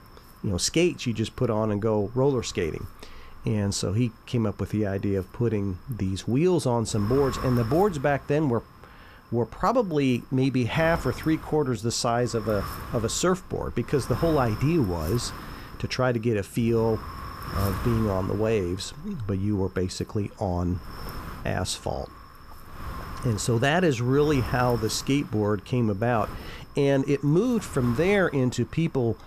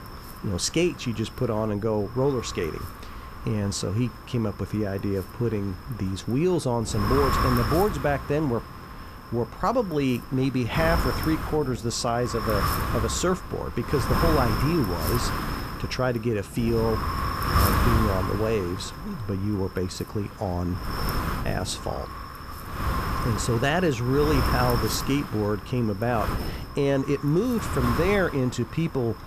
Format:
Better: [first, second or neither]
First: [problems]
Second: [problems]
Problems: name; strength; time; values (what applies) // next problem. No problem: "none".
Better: first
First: wind noise on the microphone; occasional gusts; 15 dB below the speech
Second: wind noise on the microphone; heavy; 2 dB below the speech